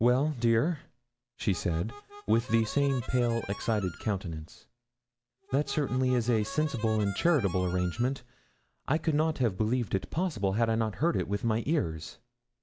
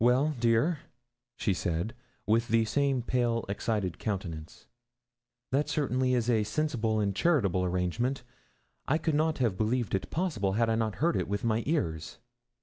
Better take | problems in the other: second | background sound (Harmonica); 16 dB below the speech

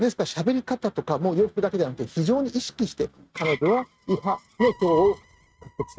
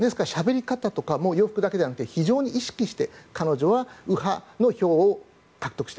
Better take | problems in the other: second | noise reduction (neural mask model RNNoise)

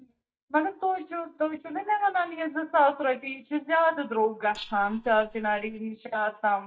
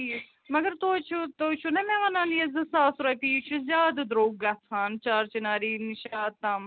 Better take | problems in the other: second | noise reduction (neural mask model DeepFilterNet 3)

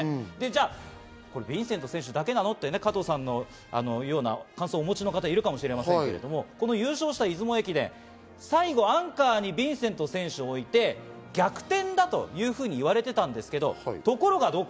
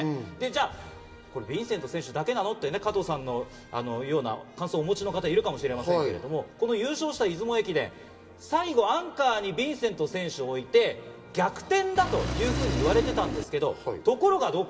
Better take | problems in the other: first | background sound (Engine); 1 dB below the speech // room echo; dies away in 2 s

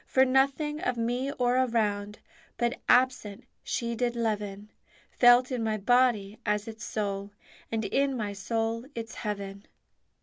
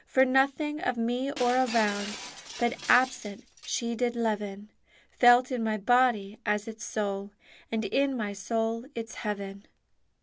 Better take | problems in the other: first | background sound (Shatter); 14 dB below the speech

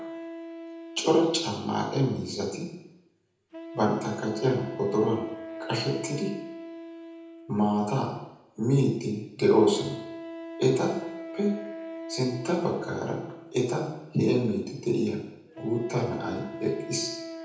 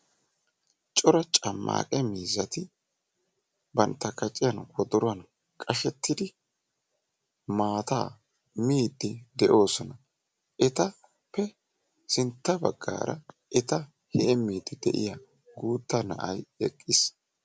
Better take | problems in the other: second | background sound (Wind instrument, woodwind instrument); 13 dB below the speech // room echo; dies away in 0.8 s

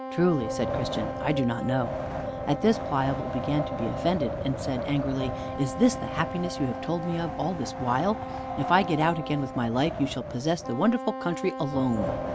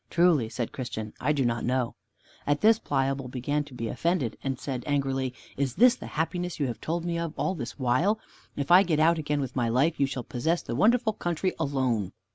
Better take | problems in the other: second | background sound (Wind instrument, woodwind instrument + Wind); 5 dB below the speech

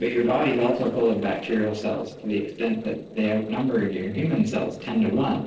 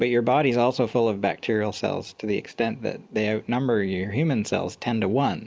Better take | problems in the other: second | noise reduction (neural separator model SepFormer DNS4)

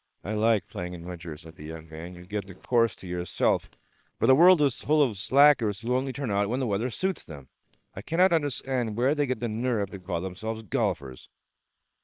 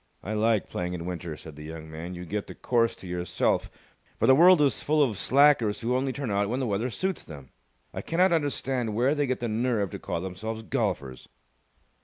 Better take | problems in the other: second | noise reduction (neural separator model SepFormer WHAM!)

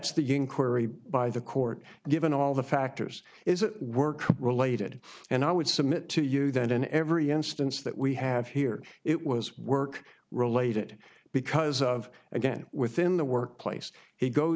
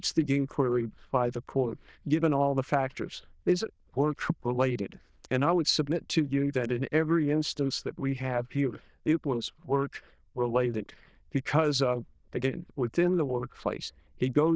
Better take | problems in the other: first | noise reduction (neural diffusion model UNIVERSE++)

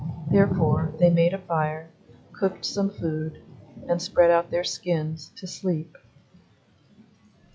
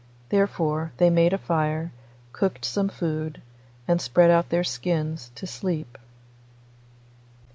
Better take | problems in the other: second | noise reduction (classical method log-MMSE)

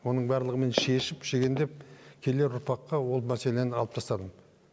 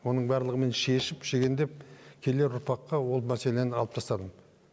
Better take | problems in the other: second | background sound (Walk, footsteps); 11 dB below the speech

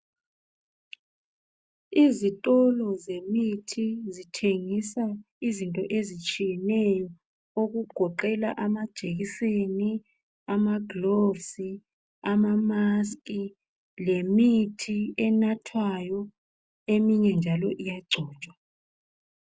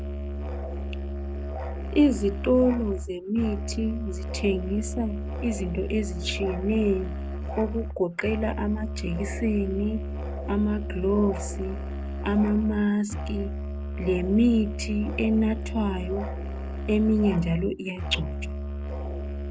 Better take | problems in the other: first | background sound (Musical instrument); 5 dB below the speech

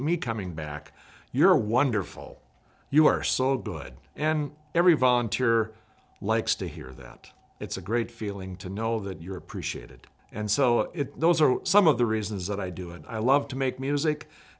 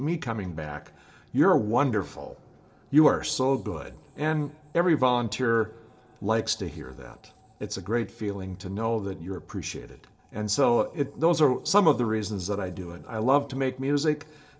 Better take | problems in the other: first | room echo; dies away in 0.3 s

